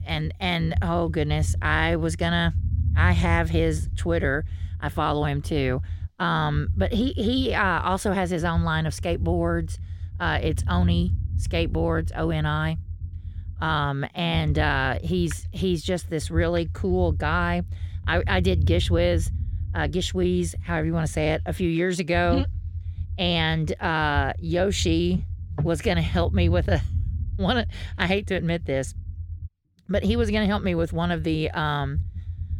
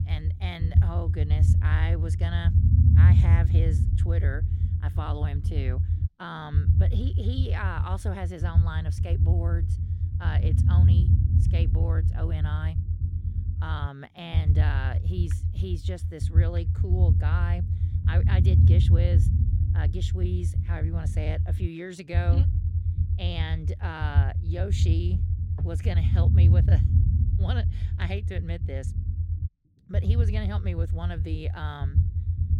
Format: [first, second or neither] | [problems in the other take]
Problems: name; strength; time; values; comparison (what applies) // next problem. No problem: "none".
first | low rumble; loud; throughout; 2 dB below the speech; faint in the first